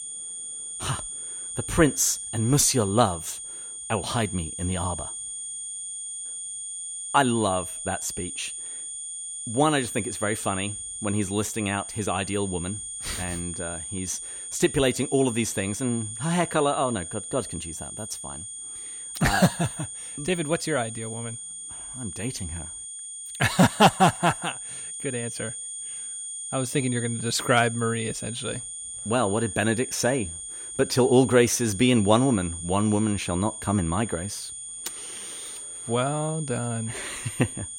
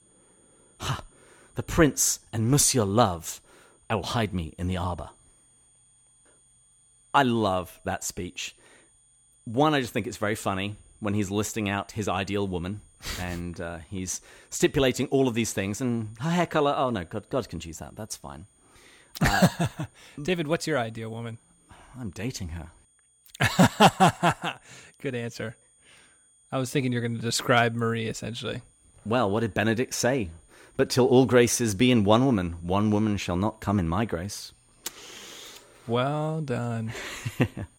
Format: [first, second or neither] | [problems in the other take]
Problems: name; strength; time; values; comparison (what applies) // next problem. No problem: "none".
second | high-pitched whine; loud; throughout; 9 kHz, 8 dB below the speech; faint in the second